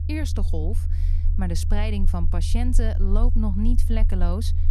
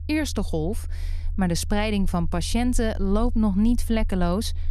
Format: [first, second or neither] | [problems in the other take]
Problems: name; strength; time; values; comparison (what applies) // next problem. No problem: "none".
second | low rumble; loud; throughout; 10 dB below the speech; faint in the second